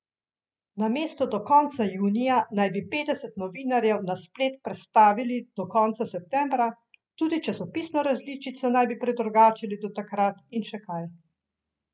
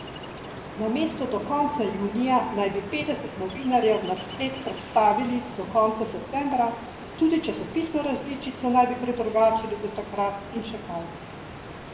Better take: first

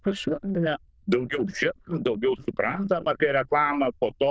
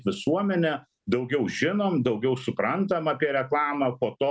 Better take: second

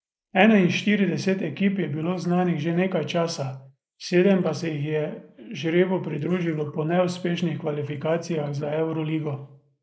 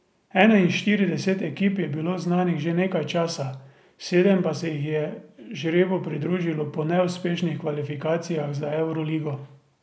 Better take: second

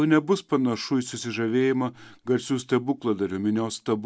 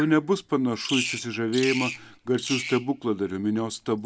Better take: first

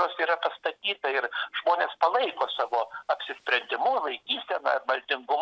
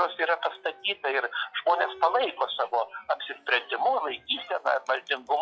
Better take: first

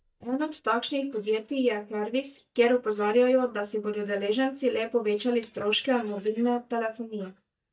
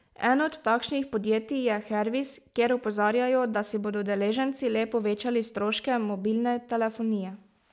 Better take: second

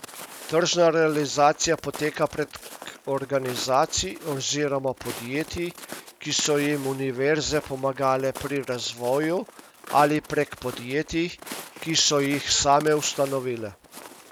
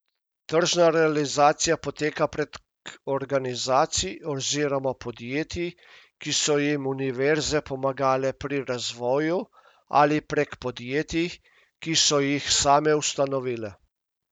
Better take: second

